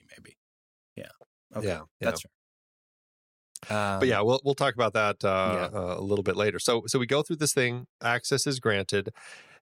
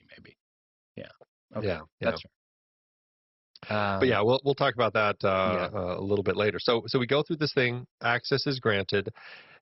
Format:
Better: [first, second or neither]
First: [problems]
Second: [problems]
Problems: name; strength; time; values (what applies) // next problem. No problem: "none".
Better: first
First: none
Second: garbled, watery; badly; nothing above 5.5 kHz